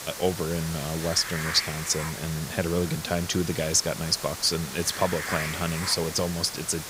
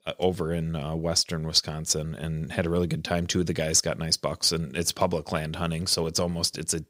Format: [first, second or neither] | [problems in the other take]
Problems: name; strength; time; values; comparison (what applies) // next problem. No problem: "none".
second | hiss; loud; throughout; 7 dB below the speech